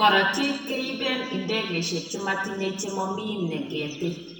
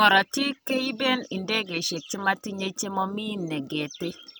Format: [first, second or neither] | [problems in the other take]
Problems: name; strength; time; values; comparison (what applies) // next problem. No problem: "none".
second | room echo; dies away in 1 s